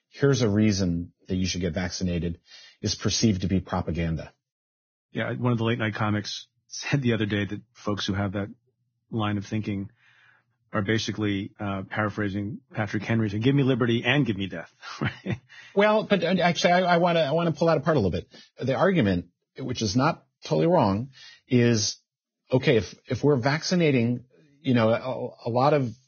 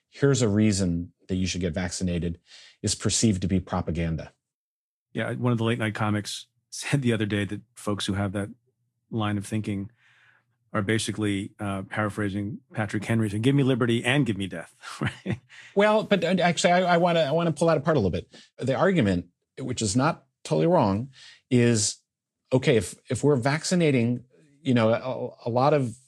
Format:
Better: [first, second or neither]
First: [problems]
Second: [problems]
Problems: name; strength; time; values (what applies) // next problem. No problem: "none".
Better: second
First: garbled, watery; badly; nothing above 6.5 kHz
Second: garbled, watery; slightly